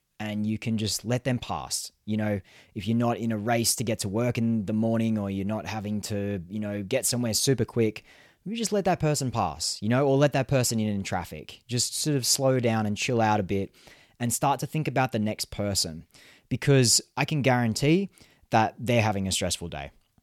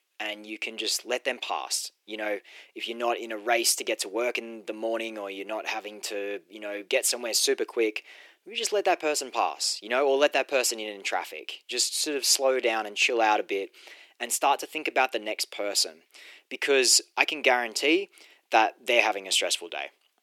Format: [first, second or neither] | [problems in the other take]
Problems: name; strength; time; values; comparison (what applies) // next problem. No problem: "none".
first | thin; very; fading below 350 Hz